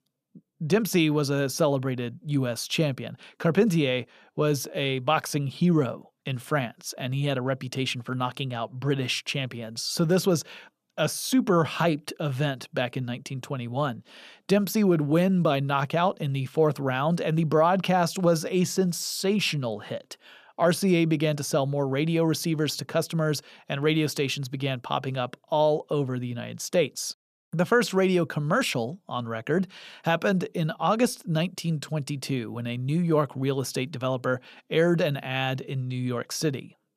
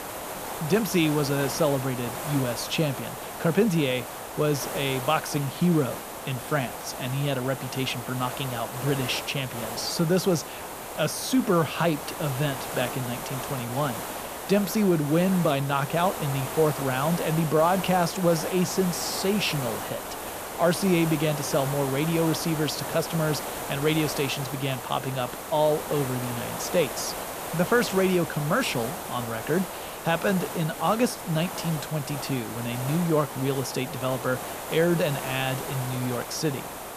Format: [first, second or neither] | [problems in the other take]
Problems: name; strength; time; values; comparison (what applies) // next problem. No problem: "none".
first | hiss; loud; throughout; 7 dB below the speech